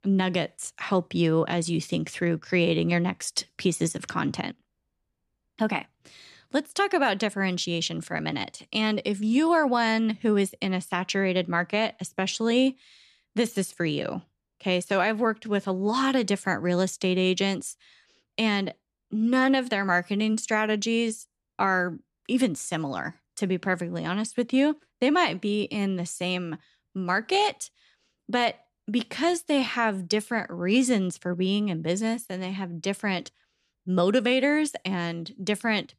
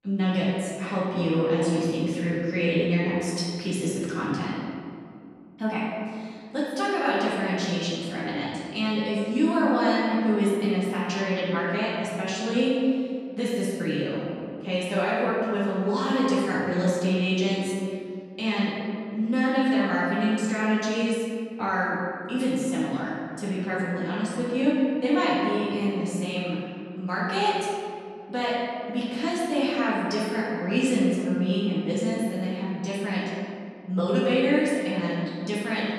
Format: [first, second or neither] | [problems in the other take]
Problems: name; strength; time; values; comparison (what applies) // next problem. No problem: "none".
first | off-mic speech; far // room echo; strong; dies away in 2.1 s